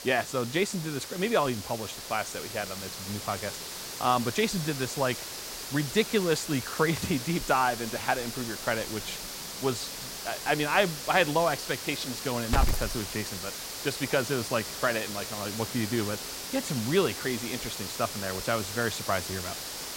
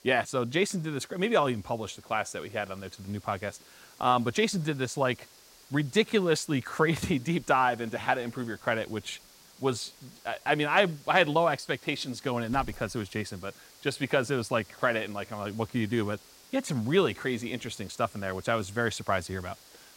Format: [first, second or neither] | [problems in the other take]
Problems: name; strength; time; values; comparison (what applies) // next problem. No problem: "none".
second | hiss; loud; throughout; 5 dB below the speech; faint in the second